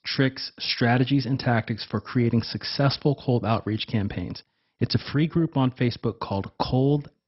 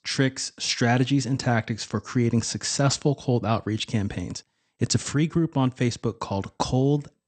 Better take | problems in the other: second | garbled, watery; badly; nothing above 5.5 kHz; slightly in the second

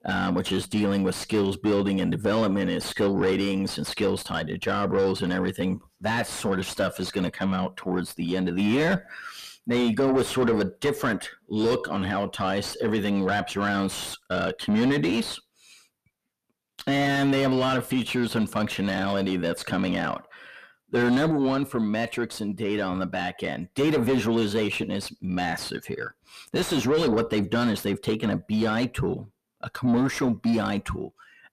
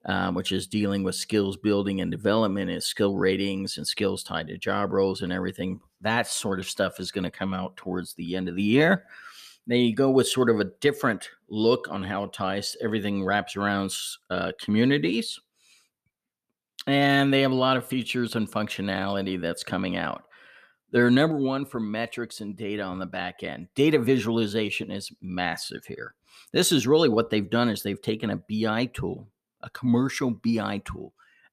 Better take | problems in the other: second | distortion; heavy; 7 dB below the speech

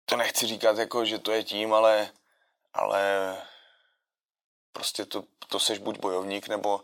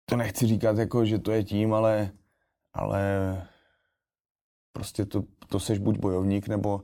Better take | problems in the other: second | thin; very; fading below 700 Hz

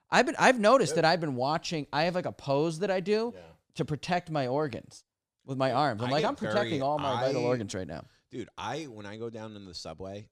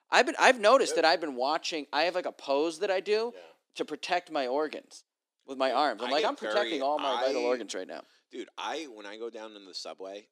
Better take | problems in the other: first | thin; somewhat; fading below 300 Hz

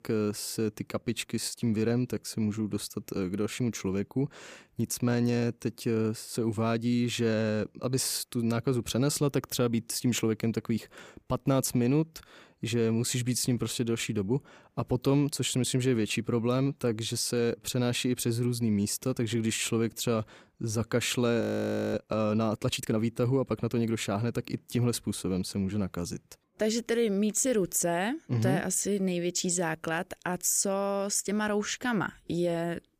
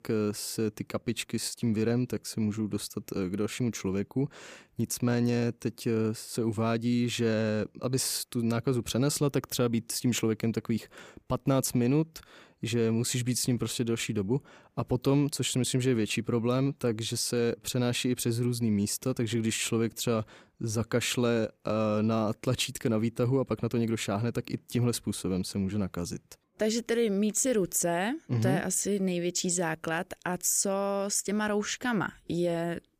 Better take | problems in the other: second | audio freezing; at 21 s for 0.5 s

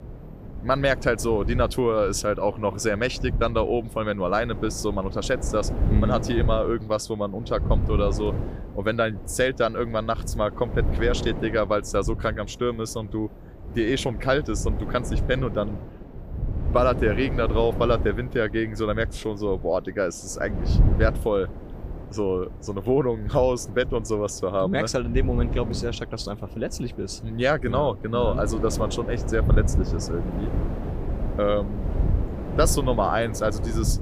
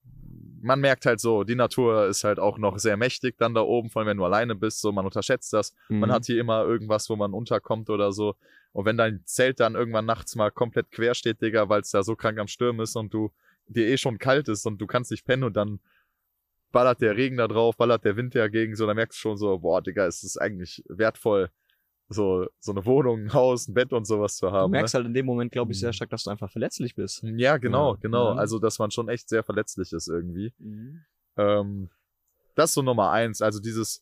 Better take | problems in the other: second | wind noise on the microphone; occasional gusts; 15 dB below the speech

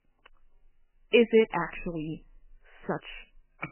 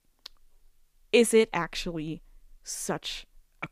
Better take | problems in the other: second | garbled, watery; badly; nothing above 3 kHz

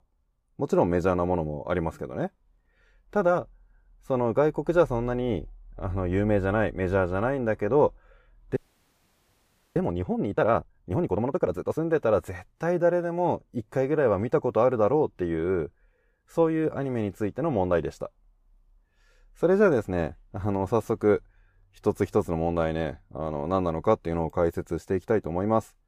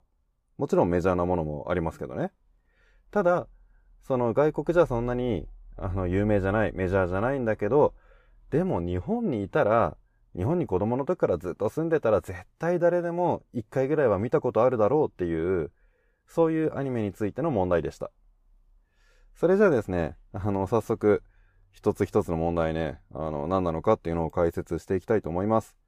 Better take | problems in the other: second | audio freezing; at 8.5 s for 1 s

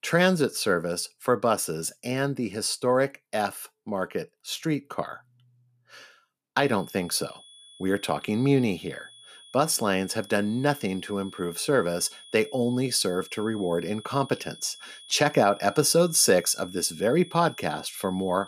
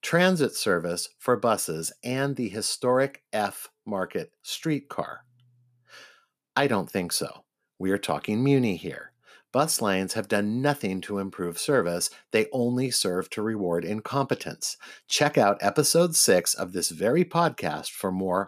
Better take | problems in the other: second | high-pitched whine; faint; from 6.5 s on; 3.5 kHz, 20 dB below the speech

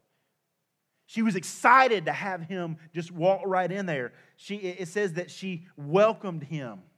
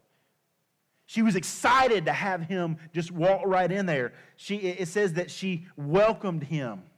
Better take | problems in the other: first | distortion; heavy; 8 dB below the speech

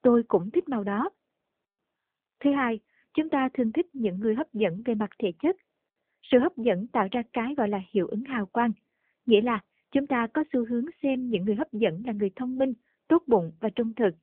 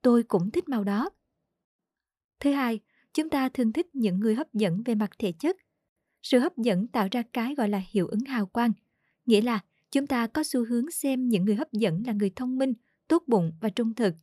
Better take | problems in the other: second | phone-call audio

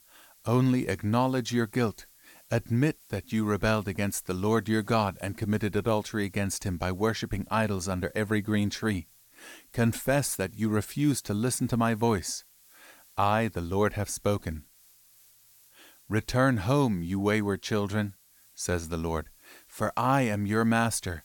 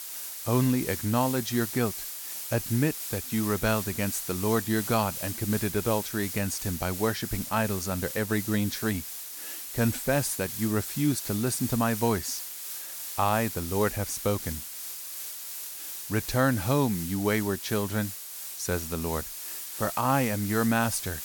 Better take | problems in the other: first | hiss; loud; throughout; 6 dB below the speech; faint in the first

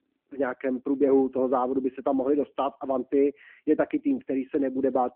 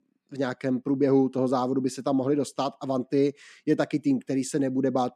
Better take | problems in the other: second | phone-call audio

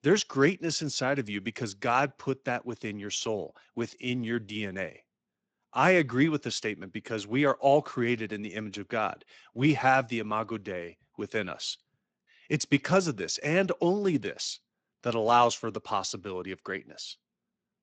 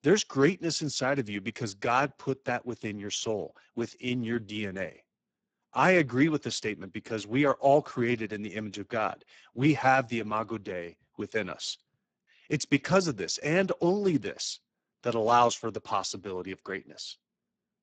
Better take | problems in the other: first | garbled, watery; badly; nothing above 7.5 kHz; slightly in the first

